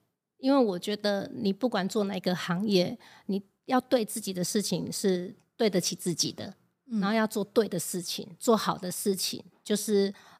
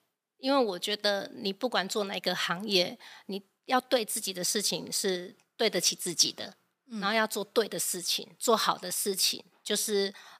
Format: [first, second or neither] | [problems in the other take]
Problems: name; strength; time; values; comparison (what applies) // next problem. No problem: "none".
first | thin; somewhat; fading below 800 Hz